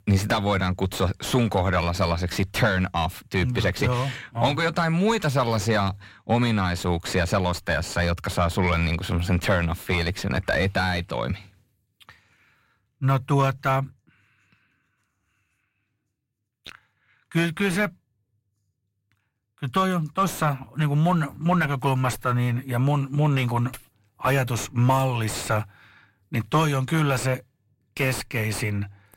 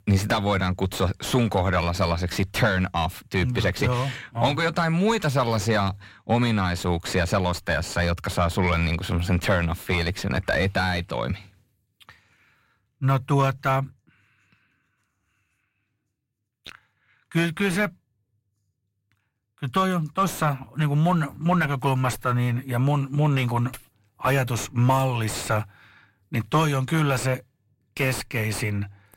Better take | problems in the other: neither | distortion; slight; 9 dB below the speech; the same in both

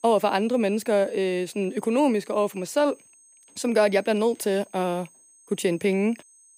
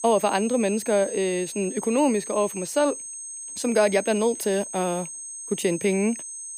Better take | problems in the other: first | high-pitched whine; loud; throughout; 8.5 kHz, 9 dB below the speech; faint in the first

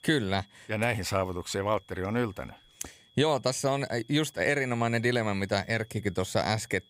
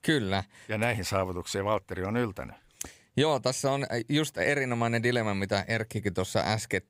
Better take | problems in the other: second | high-pitched whine; faint; throughout; 3.5 kHz, 30 dB below the speech

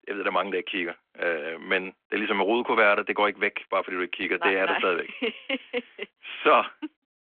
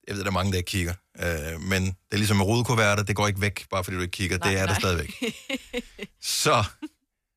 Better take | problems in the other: second | phone-call audio

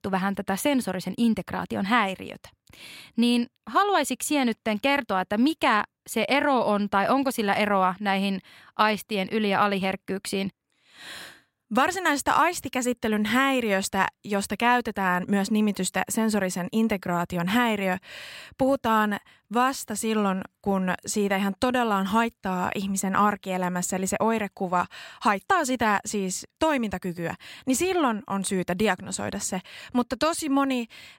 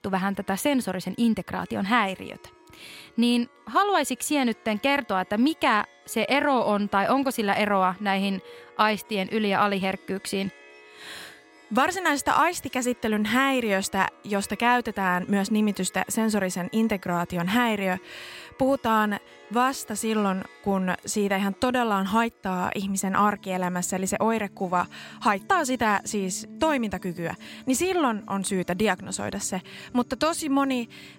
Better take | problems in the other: first | background music; faint; throughout; 25 dB below the speech

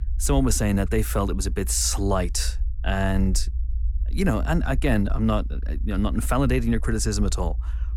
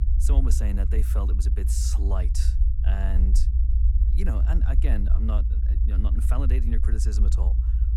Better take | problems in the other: first | low rumble; loud; throughout; 5 dB below the speech; faint in the first

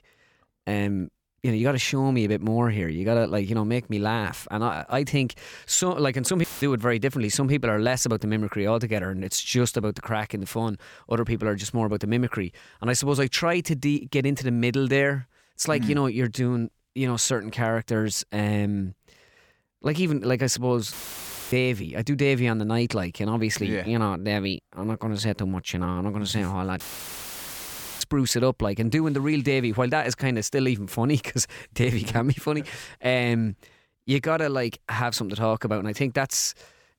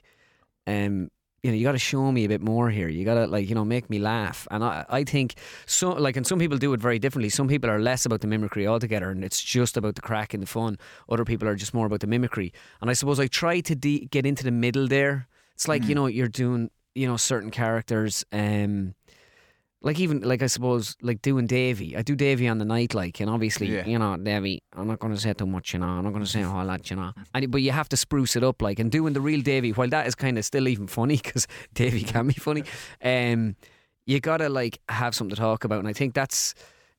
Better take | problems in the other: second | audio cutting out; filled with static; at 6.5 s, at 21 s for 0.5 s and at 27 s for 1 s

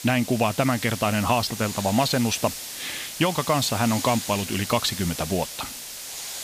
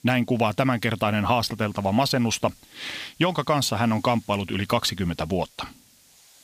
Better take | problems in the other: second | hiss; loud; throughout; 8 dB below the speech; faint in the second

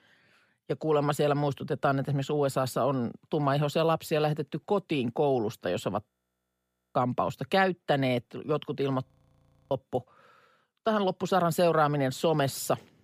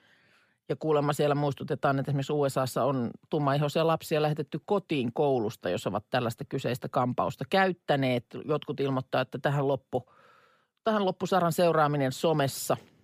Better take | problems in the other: second | audio freezing; at 6 s for 1 s and at 9 s for 0.5 s

